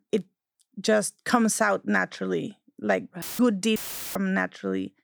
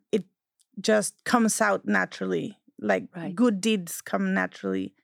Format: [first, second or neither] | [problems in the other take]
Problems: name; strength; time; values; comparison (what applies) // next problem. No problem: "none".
second | audio cutting out; filled with static; at 3 s and at 4 s